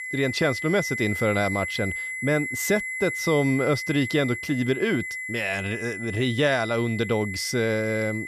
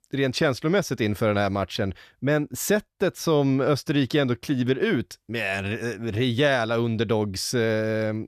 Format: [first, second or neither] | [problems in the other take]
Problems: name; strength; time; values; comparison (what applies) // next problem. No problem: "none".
second | high-pitched whine; loud; throughout; 2 kHz, 5 dB below the speech